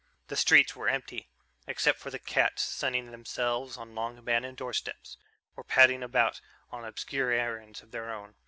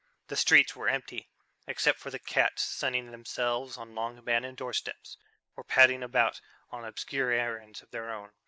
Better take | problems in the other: first | noise reduction (neural mask model Resemble Enhance denoiser)

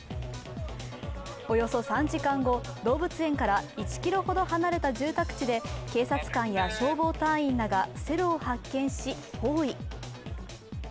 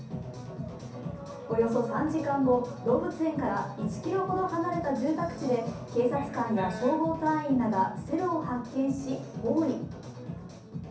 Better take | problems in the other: first | room echo; dies away in 0.6 s

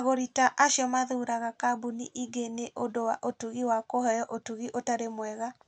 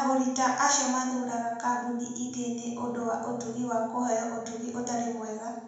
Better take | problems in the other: first | room echo; dies away in 0.9 s

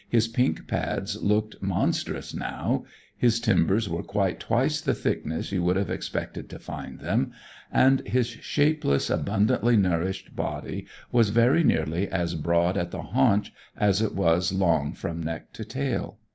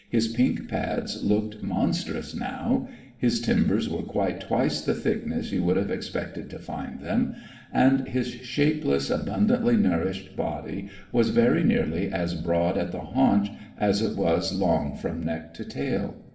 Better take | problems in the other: first | room echo; dies away in 0.9 s

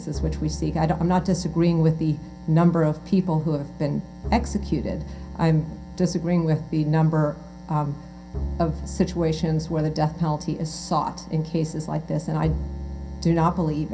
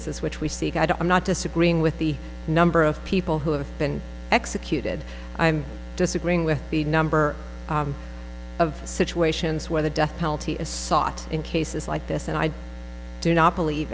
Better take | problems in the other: second | background sound (Bowed string instrument); 12 dB below the speech // room echo; dies away in 0.3 s

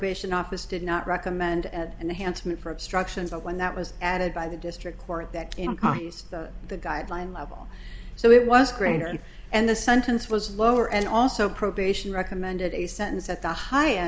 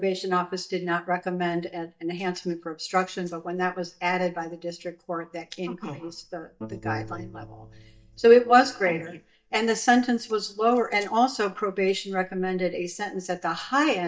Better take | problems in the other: first | noise reduction (neural mask model DeepFilterNet 3)

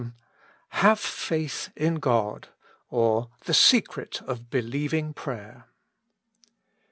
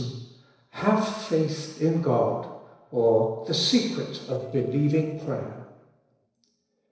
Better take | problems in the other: first | noise reduction (neural separator model SepFormer DNS4)

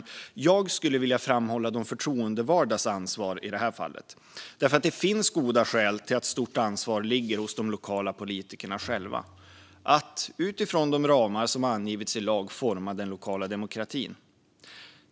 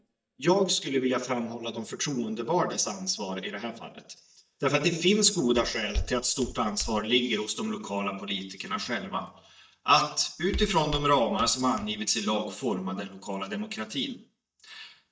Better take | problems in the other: first | noise reduction (neural mask model DeepFilterNet 3)

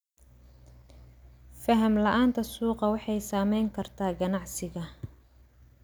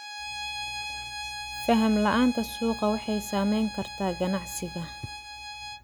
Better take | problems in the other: first | background sound (Bowed string instrument); 10 dB below the speech

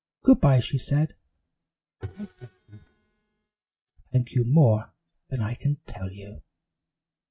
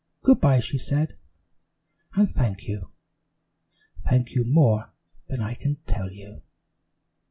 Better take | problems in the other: second | noise reduction (neural mask model RNNoise)

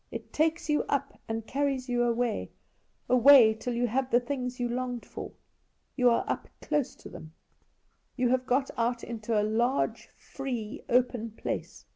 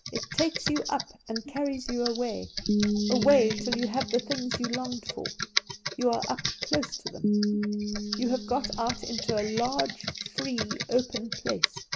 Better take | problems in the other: first | background sound (Piano + Computer keyboard); 1 dB below the speech

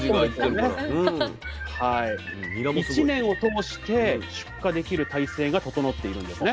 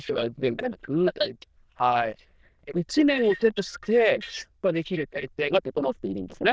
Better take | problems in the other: first | noise reduction (neural diffusion model UNIVERSE++)

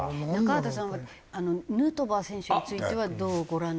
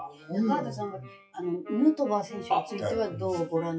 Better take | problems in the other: first | noise reduction (classical method WPE with log-MMSE)

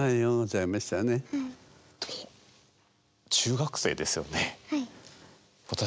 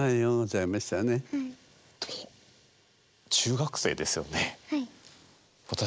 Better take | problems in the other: first | noise reduction (neural mask model Resemble Enhance denoiser)

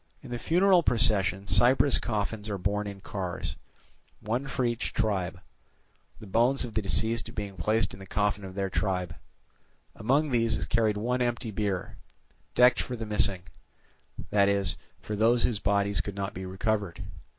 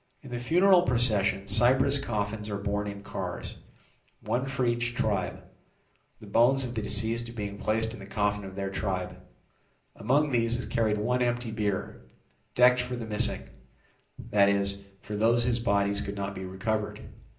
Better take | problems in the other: first | room echo; dies away in 0.5 s

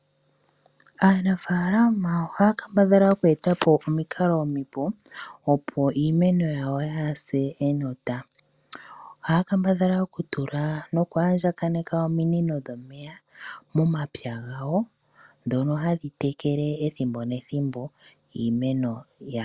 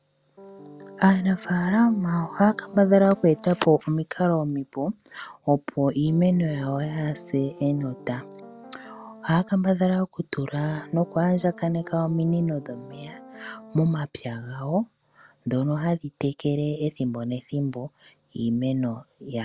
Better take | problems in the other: first | background sound (Piano); 19 dB below the speech

